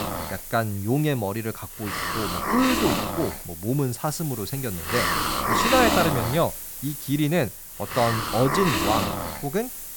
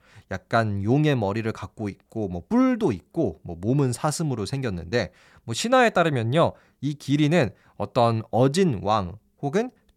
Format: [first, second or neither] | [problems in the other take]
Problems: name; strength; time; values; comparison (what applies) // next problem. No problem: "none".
second | hiss; loud; throughout; 1 dB below the speech